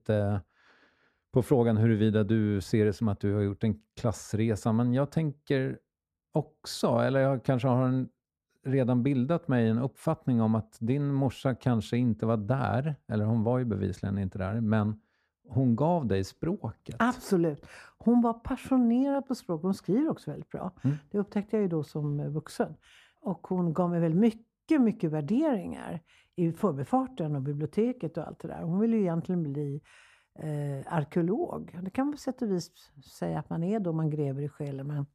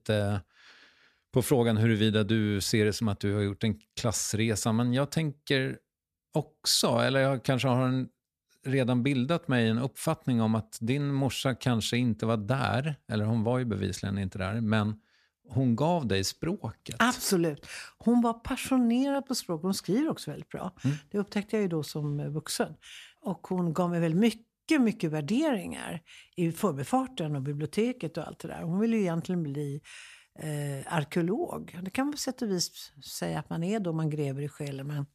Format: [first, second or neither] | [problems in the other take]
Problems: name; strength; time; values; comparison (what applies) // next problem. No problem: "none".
second | muffled; slightly; fading above 1.5 kHz